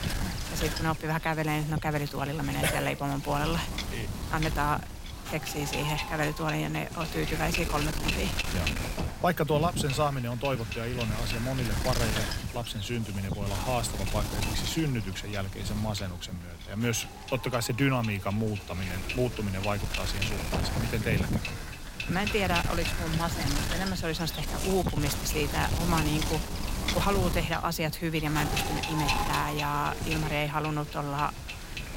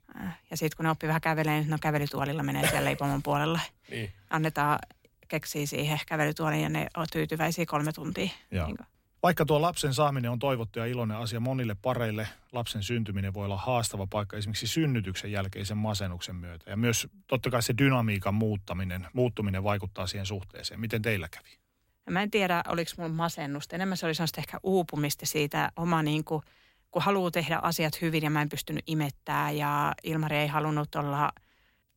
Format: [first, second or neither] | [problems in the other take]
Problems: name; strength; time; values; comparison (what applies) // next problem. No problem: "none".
second | wind noise on the microphone; heavy; 3 dB below the speech